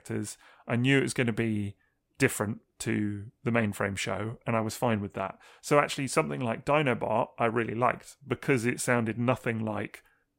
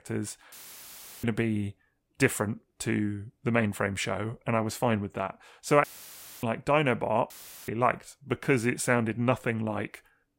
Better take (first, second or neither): first